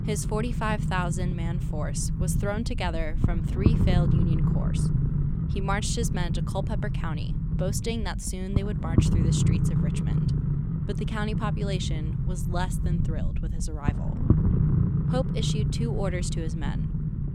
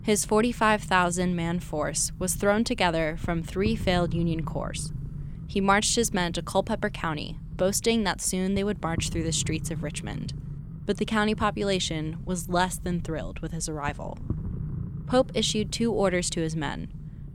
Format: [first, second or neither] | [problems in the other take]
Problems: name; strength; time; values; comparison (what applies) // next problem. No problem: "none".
second | low rumble; loud; throughout; 3 dB below the speech; faint in the second